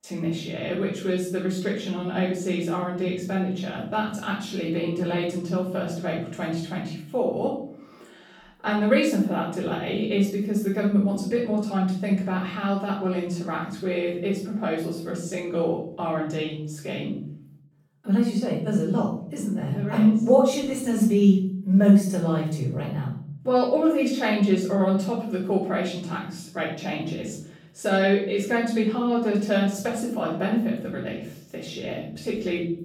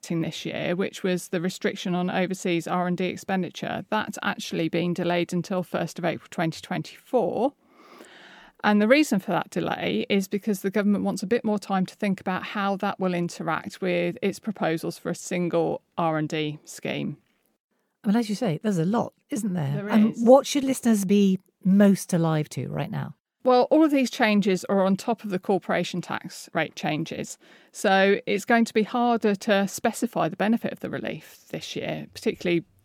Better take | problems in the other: second | room echo; noticeable; dies away in 0.7 s // off-mic speech; far

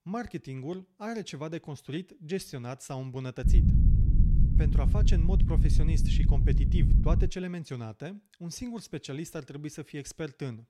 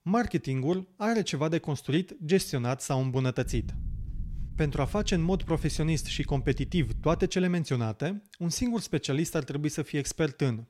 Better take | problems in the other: second | low rumble; loud; from 3.5 to 7.5 s; 1 dB below the speech; faint in the second

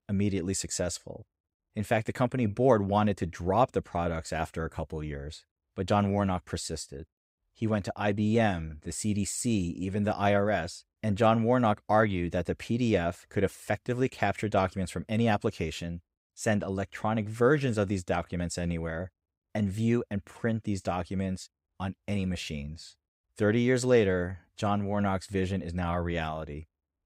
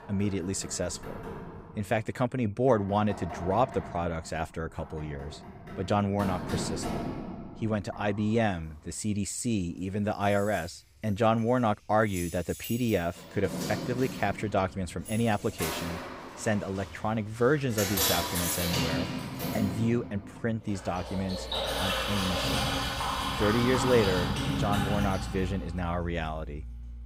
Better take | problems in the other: first | household noises; loud; throughout; 3 dB below the speech

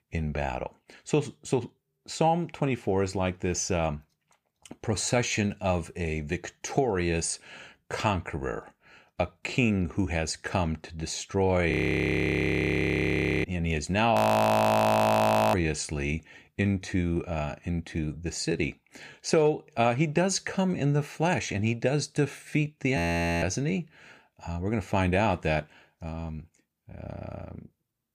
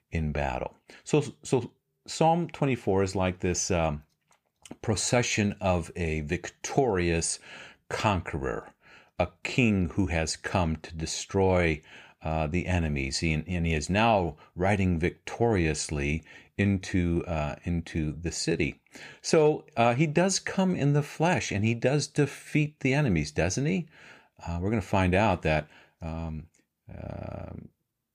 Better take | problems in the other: second | audio freezing; at 12 s for 1.5 s, at 14 s for 1.5 s and at 23 s

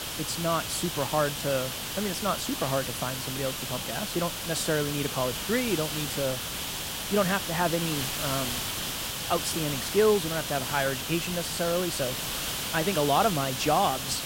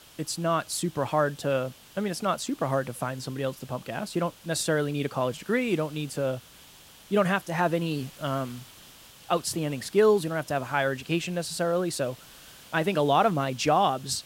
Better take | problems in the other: second | hiss; loud; throughout; 2 dB below the speech; faint in the second

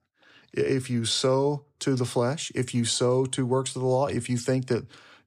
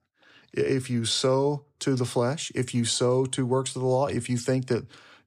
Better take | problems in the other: neither | none

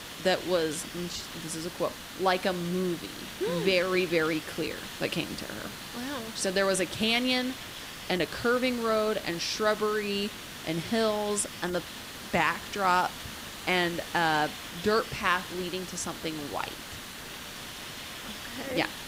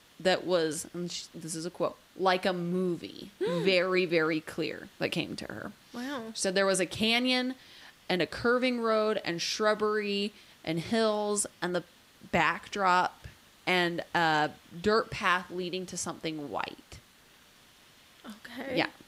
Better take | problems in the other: second | hiss; loud; throughout; 10 dB below the speech; faint in the second

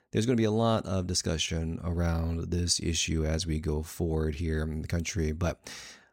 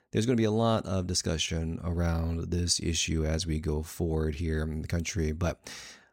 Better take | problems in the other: neither | none

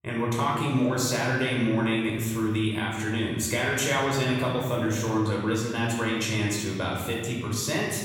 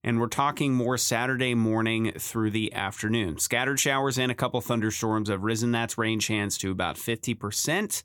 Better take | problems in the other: second | off-mic speech; far // room echo; noticeable; dies away in 1.6 s

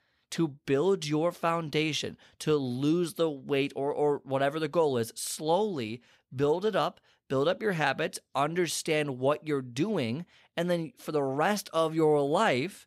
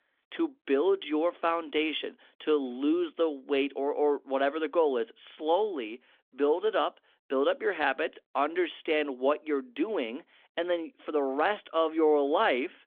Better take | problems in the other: first | phone-call audio; nothing above 3.5 kHz

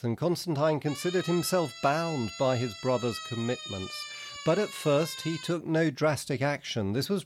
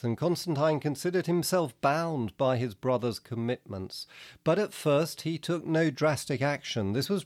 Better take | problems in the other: second | siren; noticeable; from 1 to 5.5 s; peak 9 dB below the speech

